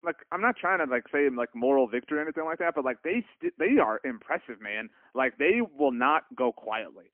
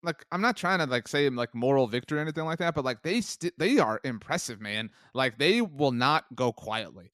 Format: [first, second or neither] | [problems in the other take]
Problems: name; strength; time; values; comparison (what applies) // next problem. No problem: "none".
second | phone-call audio; poor line